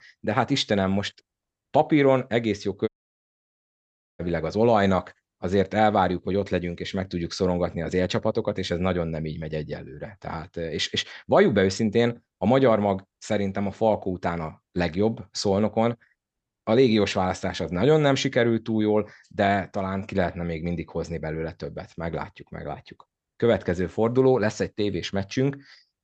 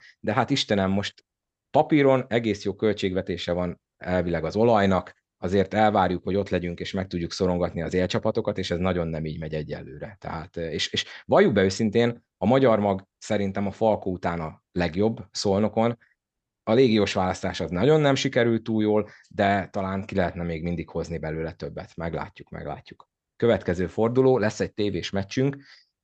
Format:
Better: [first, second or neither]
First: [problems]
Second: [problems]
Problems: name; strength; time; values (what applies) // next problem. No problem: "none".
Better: second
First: audio cutting out; at 3 s for 1.5 s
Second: none